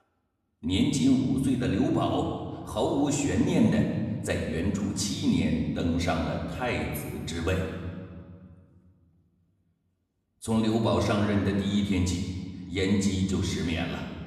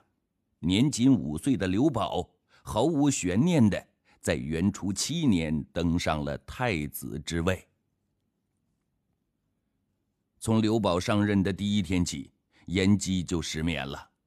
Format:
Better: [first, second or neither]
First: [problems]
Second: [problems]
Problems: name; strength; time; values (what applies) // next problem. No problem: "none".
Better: second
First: room echo; noticeable; dies away in 1.6 s // off-mic speech; far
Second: none